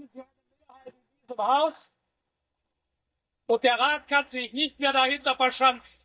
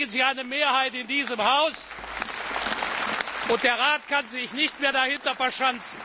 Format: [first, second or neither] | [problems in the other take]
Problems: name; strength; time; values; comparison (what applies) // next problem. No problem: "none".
second | noise reduction (neural mask model DeepFilterNet 3)